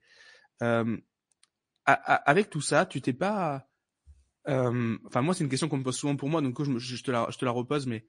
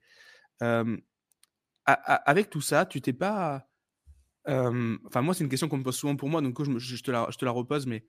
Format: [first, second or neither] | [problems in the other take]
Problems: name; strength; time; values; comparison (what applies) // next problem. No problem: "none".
second | garbled, watery; slightly; nothing above 9 kHz